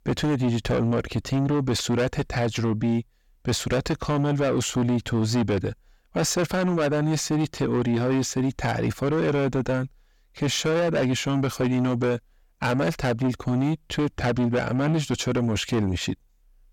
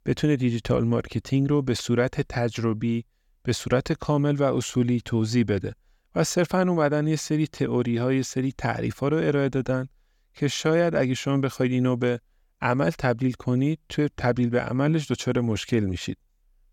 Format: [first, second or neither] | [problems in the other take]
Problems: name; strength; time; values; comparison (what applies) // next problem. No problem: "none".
second | distortion; heavy; 7 dB below the speech